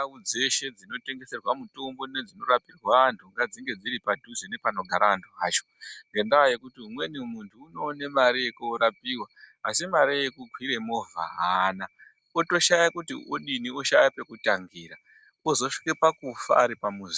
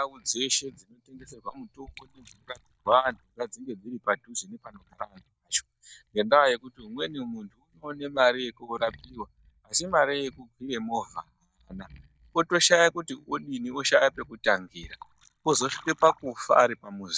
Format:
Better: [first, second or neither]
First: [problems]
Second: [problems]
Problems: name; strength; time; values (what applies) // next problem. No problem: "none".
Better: first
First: none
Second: noise reduction (neural mask model DeepFilterNet 3)